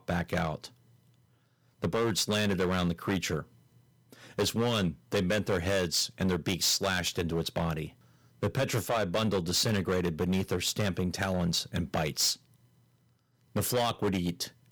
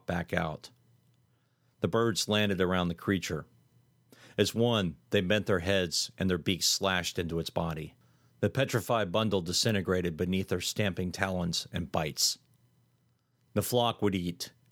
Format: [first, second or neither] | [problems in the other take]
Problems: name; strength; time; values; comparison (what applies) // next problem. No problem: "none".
second | distortion; heavy; 8% of the sound clipped